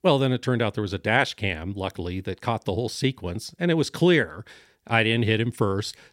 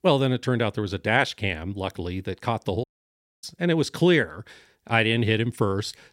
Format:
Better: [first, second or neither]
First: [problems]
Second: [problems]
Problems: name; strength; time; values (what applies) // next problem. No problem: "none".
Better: first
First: none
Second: audio cutting out; at 3 s for 0.5 s